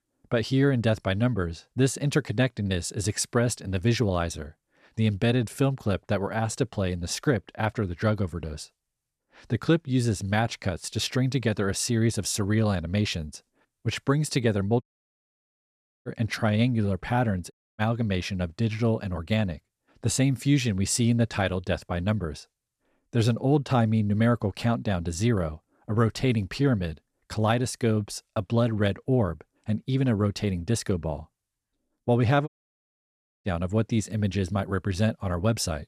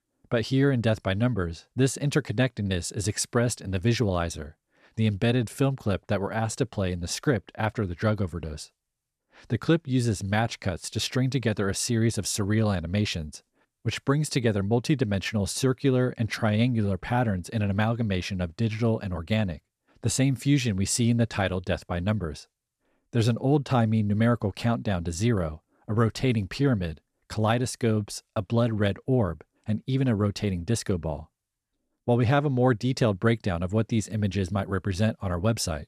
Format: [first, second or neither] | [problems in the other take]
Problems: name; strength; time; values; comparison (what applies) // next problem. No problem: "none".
second | audio cutting out; at 15 s for 1 s, at 18 s and at 32 s for 1 s